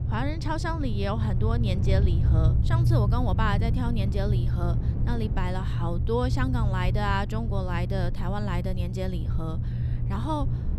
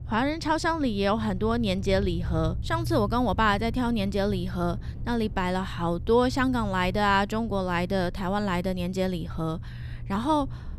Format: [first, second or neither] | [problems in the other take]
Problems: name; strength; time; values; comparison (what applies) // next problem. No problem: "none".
second | low rumble; loud; throughout; 8 dB below the speech; faint in the second